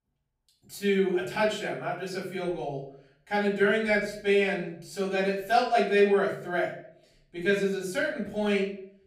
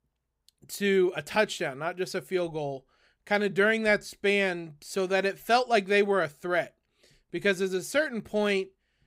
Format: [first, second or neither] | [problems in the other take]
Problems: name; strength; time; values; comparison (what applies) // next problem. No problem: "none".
second | off-mic speech; far // room echo; slight; dies away in 0.5 s